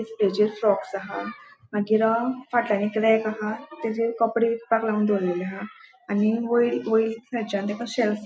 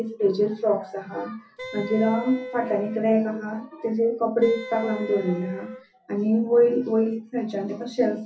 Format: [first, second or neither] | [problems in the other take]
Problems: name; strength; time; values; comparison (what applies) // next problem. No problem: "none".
first | background sound (Wind instrument, woodwind instrument); 11 dB below the speech // room echo; dies away in 0.3 s